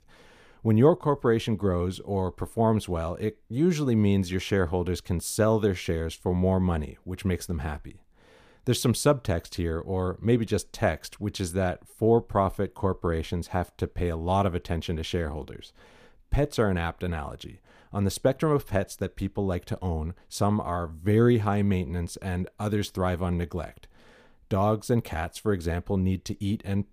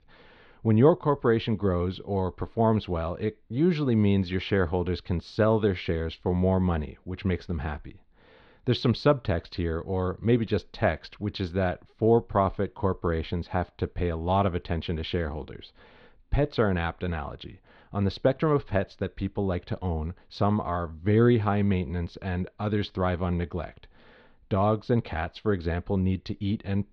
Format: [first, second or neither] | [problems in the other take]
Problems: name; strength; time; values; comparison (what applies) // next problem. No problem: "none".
first | muffled; very slightly; fading above 4 kHz